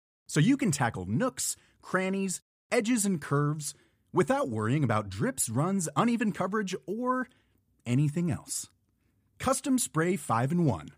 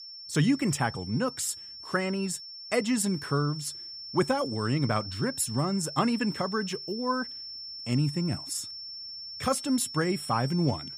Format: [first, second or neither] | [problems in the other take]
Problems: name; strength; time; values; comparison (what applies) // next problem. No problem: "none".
first | high-pitched whine; loud; throughout; 5.5 kHz, 9 dB below the speech